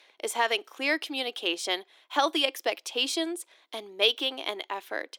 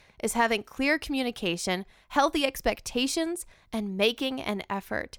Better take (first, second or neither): second